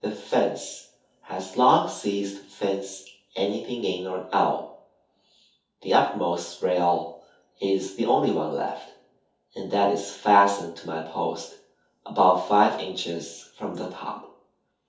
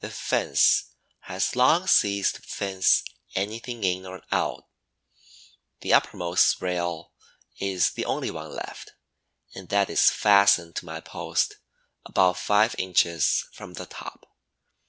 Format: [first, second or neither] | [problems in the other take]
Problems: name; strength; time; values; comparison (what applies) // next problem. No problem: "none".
second | room echo; dies away in 0.5 s